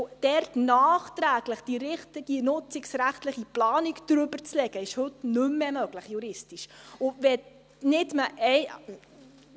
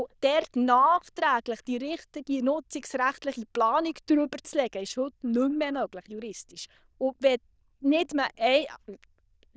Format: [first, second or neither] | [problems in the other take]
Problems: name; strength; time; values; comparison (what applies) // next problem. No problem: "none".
first | noise reduction (neural diffusion model UNIVERSE++)